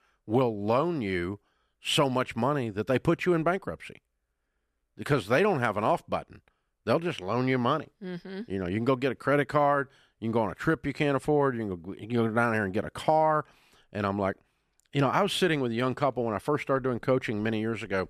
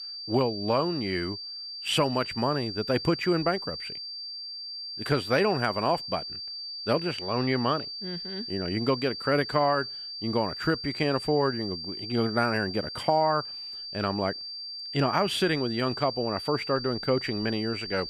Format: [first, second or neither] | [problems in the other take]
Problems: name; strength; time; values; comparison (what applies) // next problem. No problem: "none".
first | high-pitched whine; loud; throughout; 4.5 kHz, 7 dB below the speech